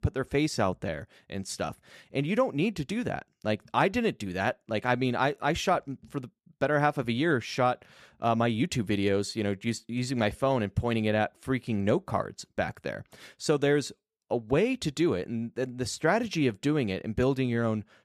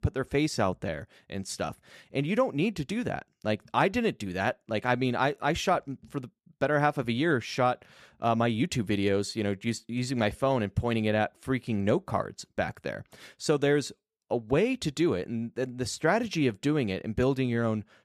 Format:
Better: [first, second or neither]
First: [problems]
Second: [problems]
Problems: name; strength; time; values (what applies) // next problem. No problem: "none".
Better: neither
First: none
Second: none